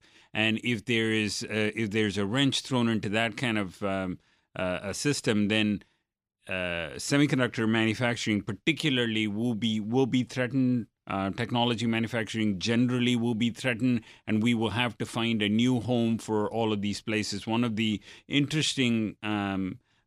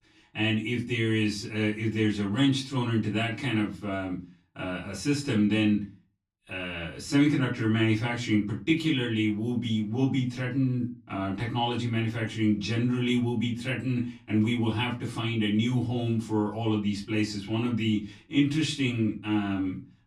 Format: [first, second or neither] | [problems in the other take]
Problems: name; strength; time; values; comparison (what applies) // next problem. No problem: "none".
first | off-mic speech; far // room echo; very slight; dies away in 0.3 s